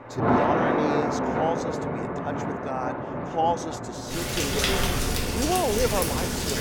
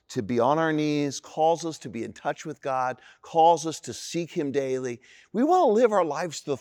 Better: second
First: rain or running water; very loud; throughout; 4 dB above the speech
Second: none

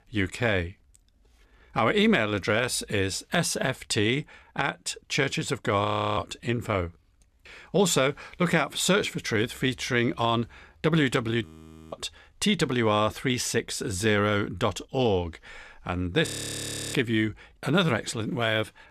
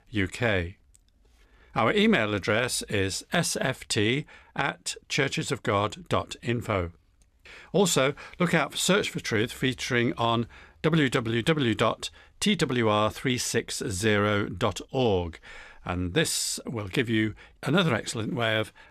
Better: second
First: audio freezing; at 6 s, at 11 s and at 16 s for 0.5 s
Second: none

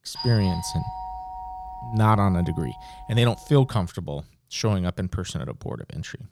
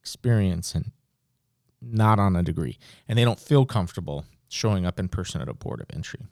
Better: second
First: doorbell; noticeable; until 4 s; peak 7 dB below the speech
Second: none

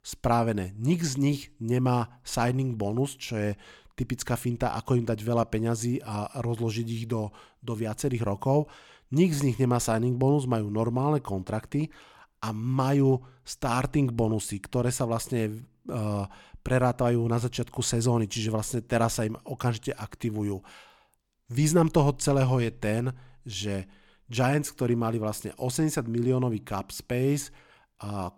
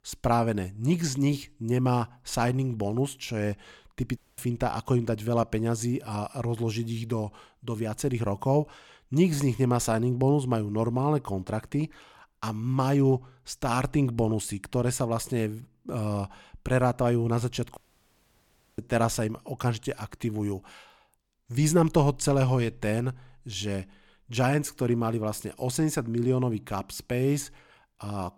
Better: first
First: none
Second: audio cutting out; at 4 s and at 18 s for 1 s

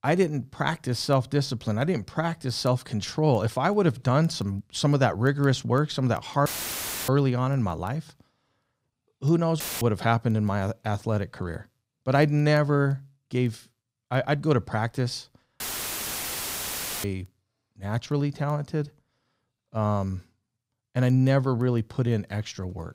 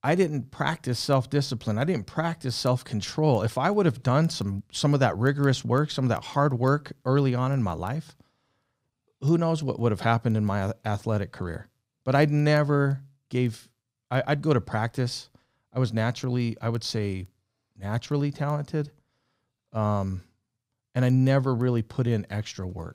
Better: second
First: audio cutting out; filled with static; at 6.5 s for 0.5 s, at 9.5 s and at 16 s for 1.5 s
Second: none

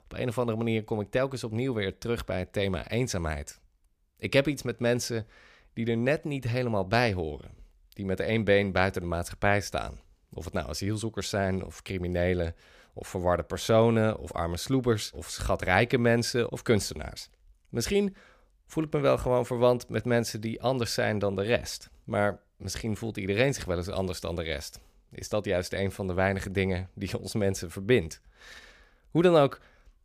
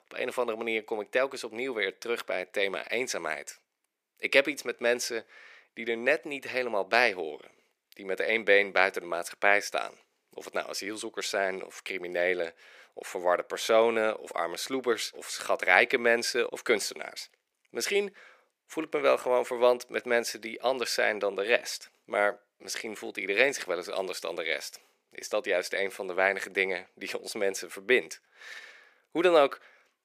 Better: first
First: none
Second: thin; very; fading below 350 Hz

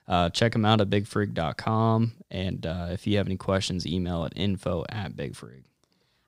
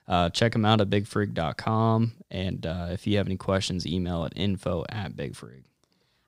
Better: neither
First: none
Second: none

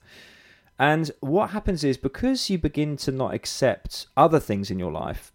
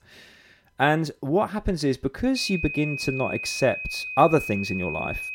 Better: first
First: none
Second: high-pitched whine; loud; from 2.5 s on; 2.5 kHz, 6 dB below the speech

